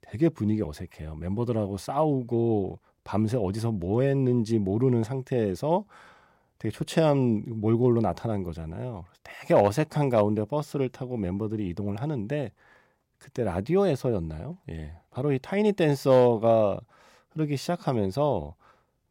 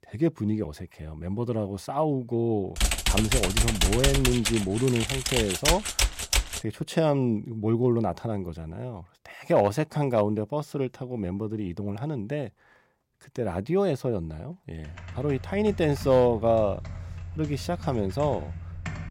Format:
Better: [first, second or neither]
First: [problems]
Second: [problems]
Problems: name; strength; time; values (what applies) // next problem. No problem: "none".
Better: first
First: none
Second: keyboard typing; loud; from 3 to 6.5 s; peak 4 dB above the speech // keyboard typing; noticeable; from 15 s on; peak 9 dB below the speech